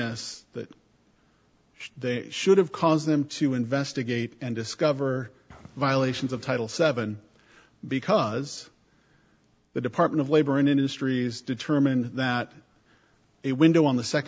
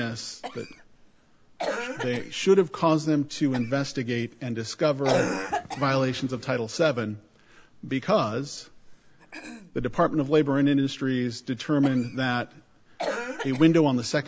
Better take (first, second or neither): first